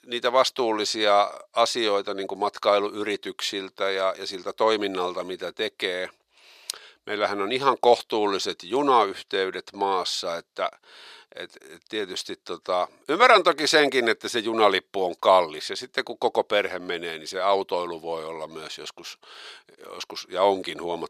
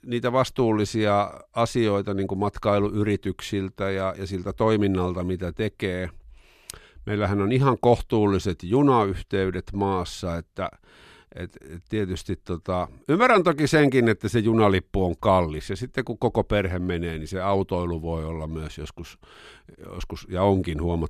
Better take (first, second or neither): second